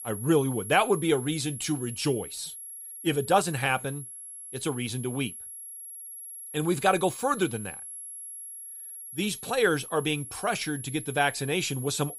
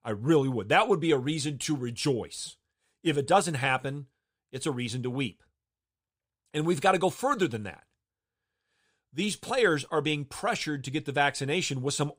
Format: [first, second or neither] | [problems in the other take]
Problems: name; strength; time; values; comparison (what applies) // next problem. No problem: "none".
second | high-pitched whine; noticeable; throughout; 11 kHz, 10 dB below the speech